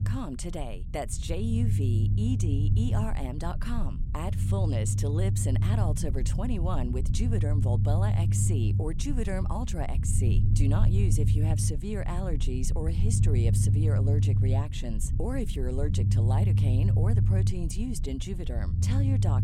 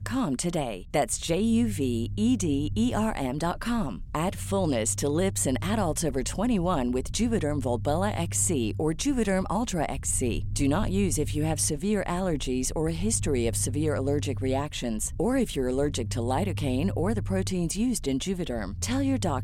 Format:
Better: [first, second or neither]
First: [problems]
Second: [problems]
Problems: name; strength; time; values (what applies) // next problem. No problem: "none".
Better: second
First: low rumble; loud; throughout; 3 dB below the speech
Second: low rumble; faint; throughout; 20 dB below the speech